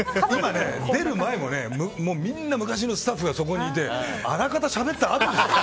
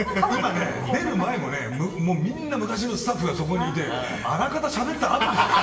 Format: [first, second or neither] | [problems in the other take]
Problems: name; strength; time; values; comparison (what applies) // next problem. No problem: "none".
first | room echo; dies away in 0.8 s